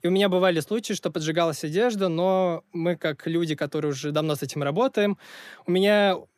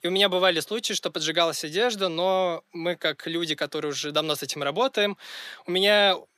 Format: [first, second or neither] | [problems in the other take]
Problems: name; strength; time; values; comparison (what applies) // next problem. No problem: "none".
first | thin; somewhat; fading below 700 Hz